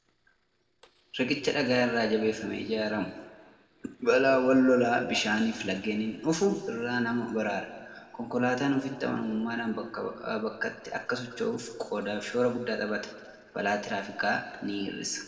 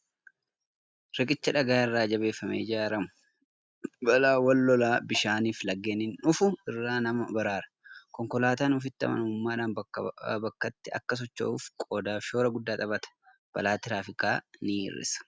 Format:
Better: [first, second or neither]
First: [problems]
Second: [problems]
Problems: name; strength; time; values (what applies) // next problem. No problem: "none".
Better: second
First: noise reduction (neural separator model SepFormer DNS4)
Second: none